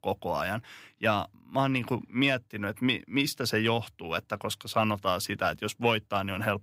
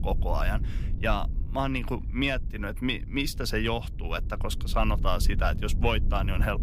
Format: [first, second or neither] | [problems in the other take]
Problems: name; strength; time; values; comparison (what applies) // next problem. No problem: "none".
first | wind noise on the microphone; occasional gusts; 20 dB below the speech